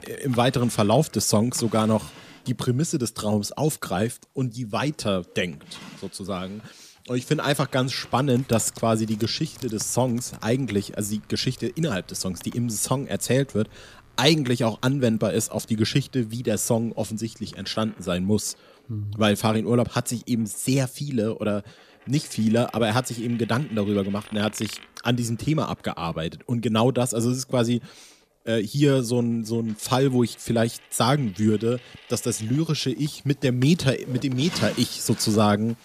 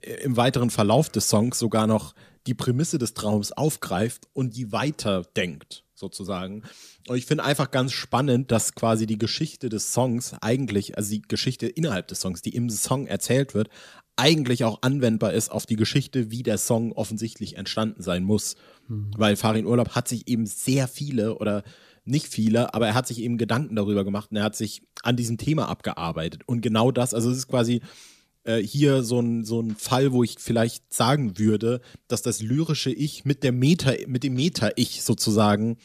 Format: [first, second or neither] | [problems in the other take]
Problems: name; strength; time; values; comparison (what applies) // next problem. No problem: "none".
second | household noises; faint; throughout; 20 dB below the speech